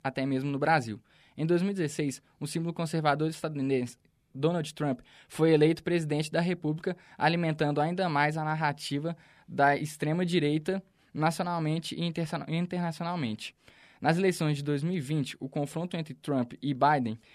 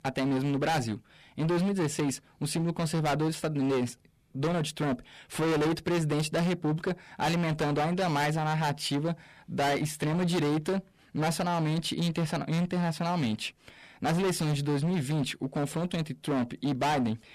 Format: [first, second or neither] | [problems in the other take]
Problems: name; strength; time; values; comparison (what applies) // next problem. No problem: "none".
first | distortion; heavy; 22% of the sound clipped